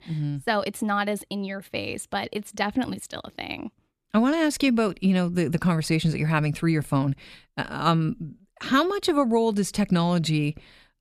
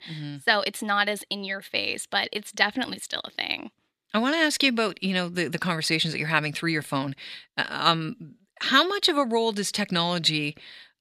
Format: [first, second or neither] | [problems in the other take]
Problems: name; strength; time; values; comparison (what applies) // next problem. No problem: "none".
first | thin; somewhat; fading below 800 Hz